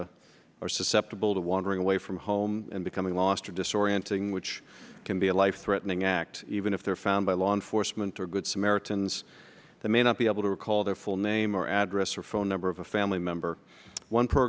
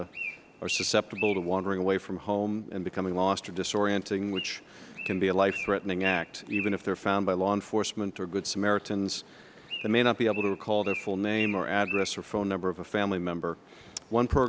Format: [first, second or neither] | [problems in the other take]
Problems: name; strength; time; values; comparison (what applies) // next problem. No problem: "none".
first | background sound (Bird); 13 dB below the speech